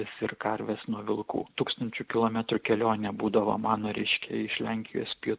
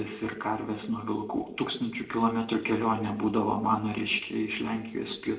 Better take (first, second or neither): first